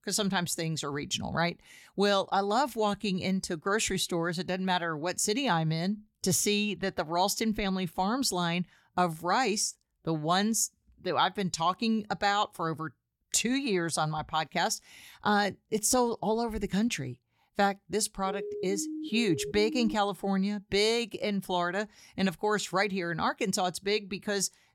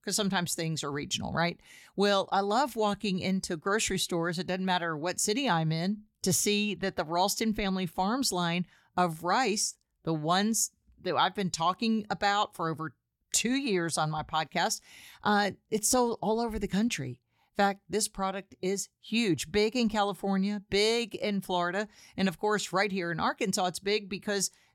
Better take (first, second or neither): second